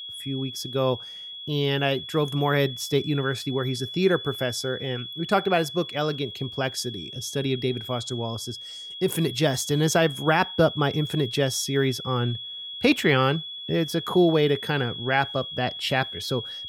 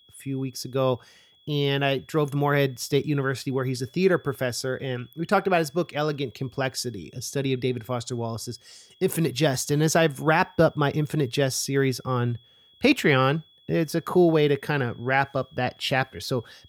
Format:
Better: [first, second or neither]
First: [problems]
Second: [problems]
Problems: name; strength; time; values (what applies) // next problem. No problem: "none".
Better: second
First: high-pitched whine; loud; throughout; 3.5 kHz, 9 dB below the speech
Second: high-pitched whine; faint; throughout; 3.5 kHz, 30 dB below the speech